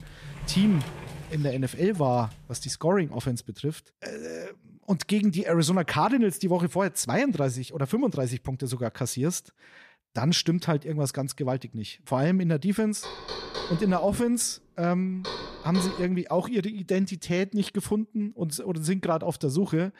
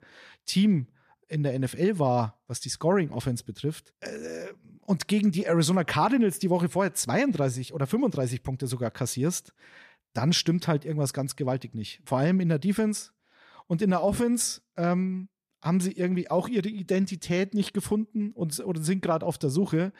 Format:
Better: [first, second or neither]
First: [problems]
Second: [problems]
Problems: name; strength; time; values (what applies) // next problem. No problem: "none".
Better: second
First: door banging; noticeable; until 2.5 s and from 13 to 16 s; peak 6 dB below the speech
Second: none